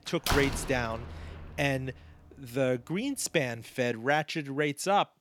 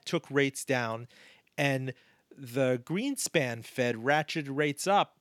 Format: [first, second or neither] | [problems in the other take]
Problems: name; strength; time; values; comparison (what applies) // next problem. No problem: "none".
second | door banging; noticeable; until 1.5 s; peak level with the speech